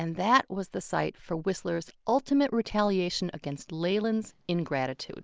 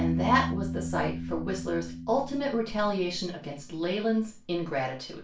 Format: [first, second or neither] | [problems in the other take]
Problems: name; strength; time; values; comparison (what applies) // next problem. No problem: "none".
first | background sound (Piano); 6 dB below the speech // room echo; dies away in 0.3 s